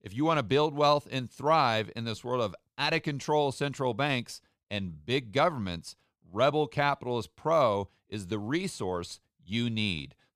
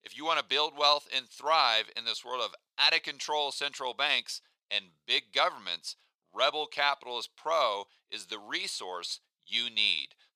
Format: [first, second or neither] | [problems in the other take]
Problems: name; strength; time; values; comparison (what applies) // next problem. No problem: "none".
first | thin; very; fading below 750 Hz